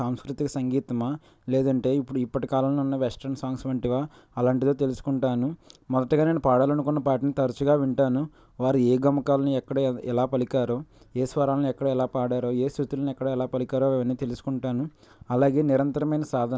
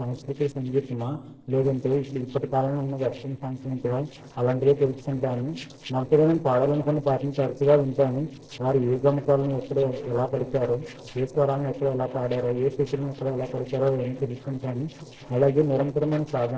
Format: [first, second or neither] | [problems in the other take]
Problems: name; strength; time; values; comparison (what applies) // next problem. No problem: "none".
first | noise reduction (neural separator model SepFormer DNS4)